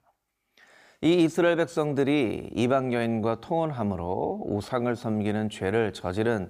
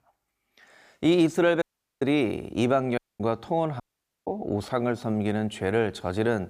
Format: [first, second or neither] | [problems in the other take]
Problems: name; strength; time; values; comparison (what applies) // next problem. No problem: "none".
first | audio cutting out; at 1.5 s, at 3 s and at 4 s